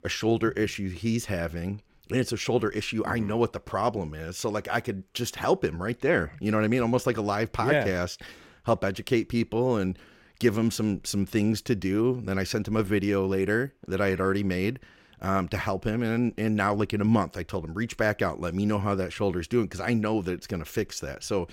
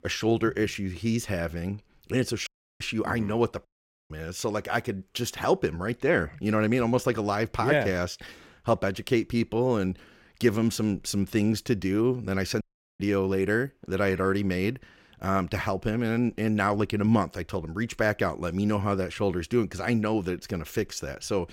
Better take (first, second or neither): first